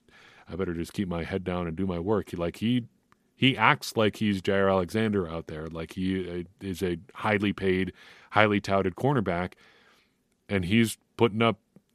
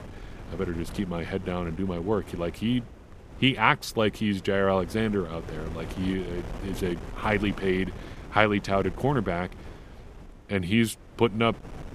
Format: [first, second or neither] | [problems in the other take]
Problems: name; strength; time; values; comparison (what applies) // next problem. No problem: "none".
first | wind noise on the microphone; occasional gusts; 20 dB below the speech